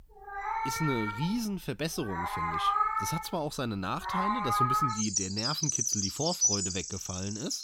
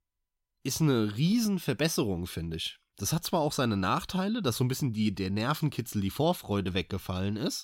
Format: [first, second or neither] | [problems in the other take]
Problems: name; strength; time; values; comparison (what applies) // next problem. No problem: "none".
second | animal sounds; very loud; throughout; 5 dB above the speech